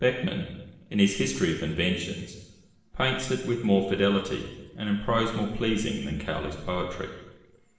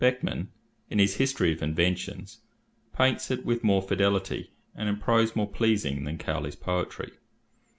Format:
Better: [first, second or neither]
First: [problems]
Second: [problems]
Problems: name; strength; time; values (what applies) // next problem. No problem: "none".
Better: second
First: room echo; dies away in 0.9 s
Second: none